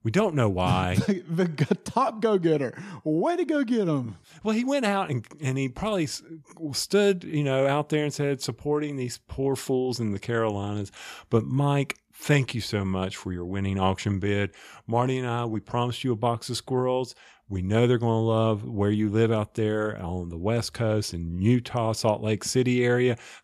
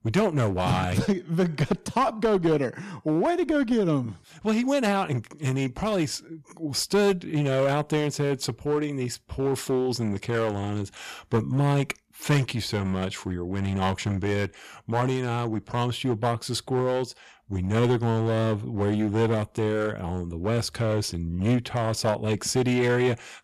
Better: first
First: none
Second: distortion; slight; 8% of the sound clipped

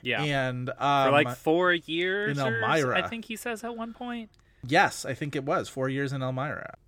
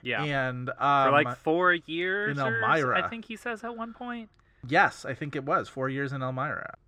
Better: first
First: none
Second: muffled; slightly; fading above 3.5 kHz

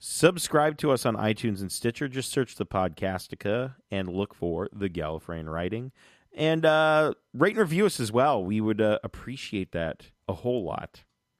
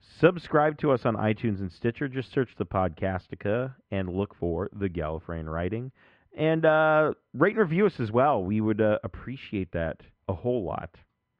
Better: first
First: none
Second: muffled; very; fading above 2.5 kHz

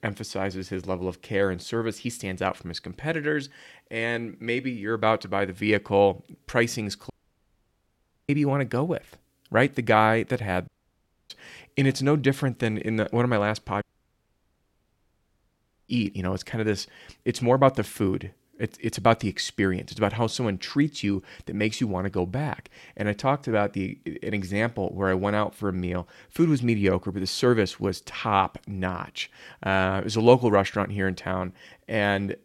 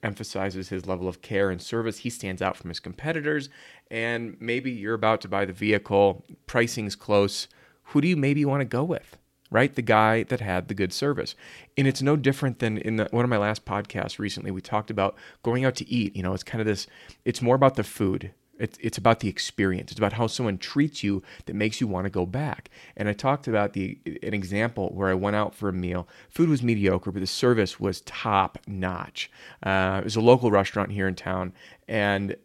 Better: second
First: audio cutting out; at 7 s for 1 s, at 11 s for 0.5 s and at 14 s for 2 s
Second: none

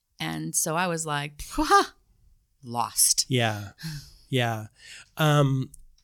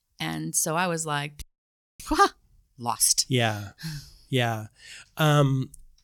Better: first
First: none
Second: audio freezing; at 1.5 s for 0.5 s

